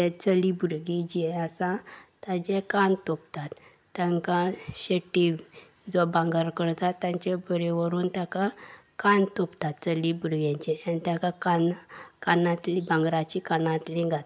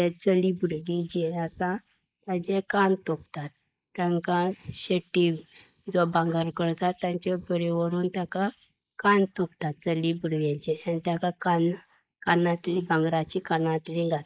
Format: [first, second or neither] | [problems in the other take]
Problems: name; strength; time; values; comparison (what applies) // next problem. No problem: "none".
first | noise reduction (neural mask model Resemble Enhance denoiser)